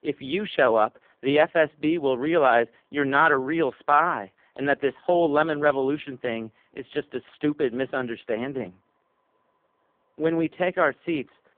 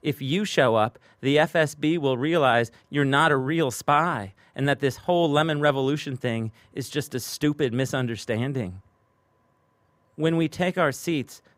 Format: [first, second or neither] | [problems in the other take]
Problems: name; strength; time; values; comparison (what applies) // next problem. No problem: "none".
second | phone-call audio; poor line